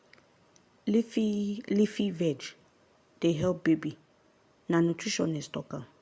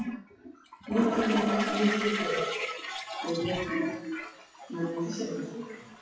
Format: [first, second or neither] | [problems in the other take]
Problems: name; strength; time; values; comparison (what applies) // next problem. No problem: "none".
first | noise reduction (classical method WPE with log-MMSE)